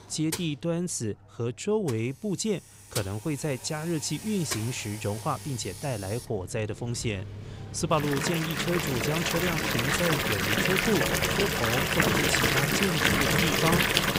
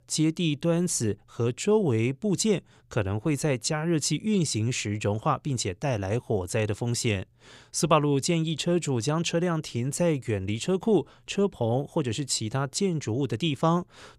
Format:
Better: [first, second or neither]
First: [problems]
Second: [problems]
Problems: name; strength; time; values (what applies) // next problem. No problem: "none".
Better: second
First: household noises; very loud; throughout; 5 dB above the speech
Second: none